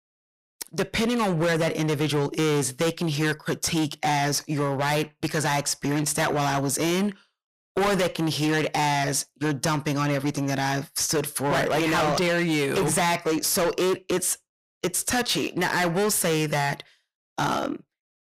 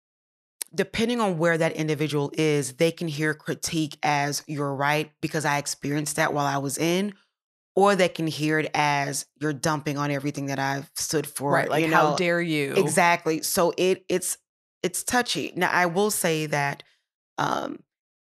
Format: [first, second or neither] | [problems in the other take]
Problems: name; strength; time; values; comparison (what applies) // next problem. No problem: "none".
second | distortion; heavy; 20% of the sound clipped